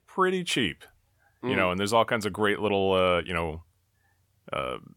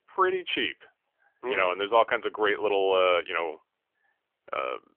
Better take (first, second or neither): first